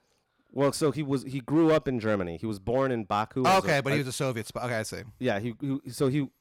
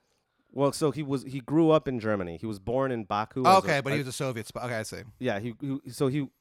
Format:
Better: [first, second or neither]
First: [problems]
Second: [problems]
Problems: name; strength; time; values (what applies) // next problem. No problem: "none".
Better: second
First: distortion; slight; 4% of the sound clipped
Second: none